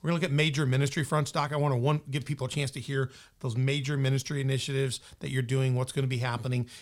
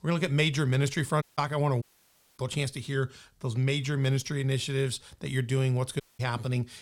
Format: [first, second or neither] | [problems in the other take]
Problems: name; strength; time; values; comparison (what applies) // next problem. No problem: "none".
first | audio cutting out; at 1 s, at 2 s for 0.5 s and at 6 s